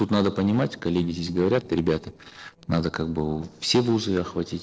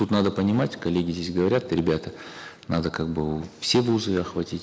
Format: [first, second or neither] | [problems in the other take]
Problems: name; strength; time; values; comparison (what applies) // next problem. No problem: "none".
second | noise reduction (neural separator model SepFormer DNS4)